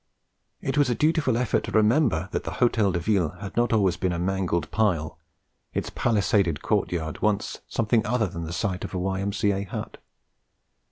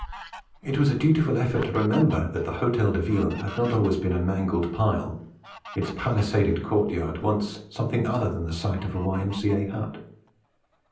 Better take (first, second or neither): first